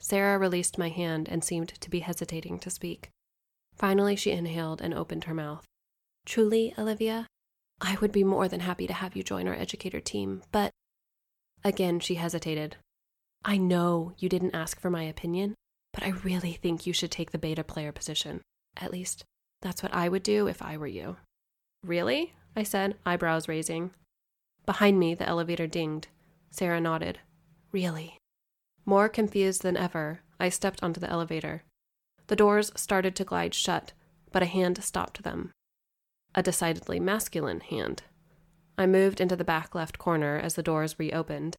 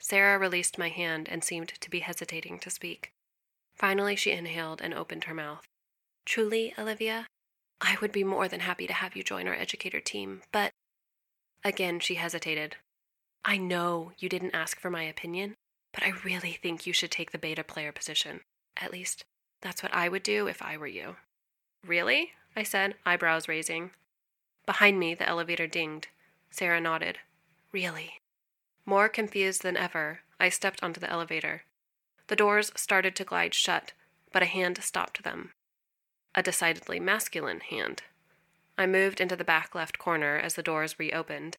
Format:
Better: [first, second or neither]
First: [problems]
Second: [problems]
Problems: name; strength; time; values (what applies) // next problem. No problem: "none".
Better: first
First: none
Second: thin; somewhat; fading below 1 kHz